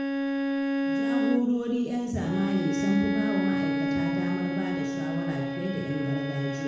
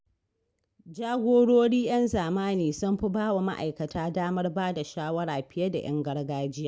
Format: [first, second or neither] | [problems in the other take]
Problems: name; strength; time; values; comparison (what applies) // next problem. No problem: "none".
second | background sound (Bowed string instrument); 1 dB above the speech // room echo; dies away in 1 s